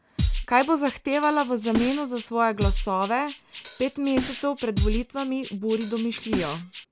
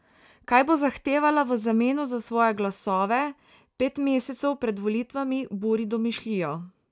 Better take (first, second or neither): second